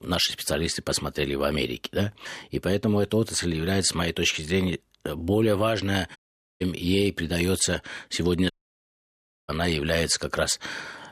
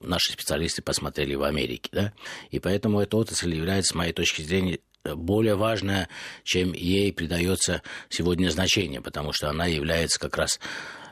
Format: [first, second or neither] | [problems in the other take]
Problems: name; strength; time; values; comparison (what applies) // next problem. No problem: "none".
second | audio cutting out; at 6 s and at 8.5 s for 1 s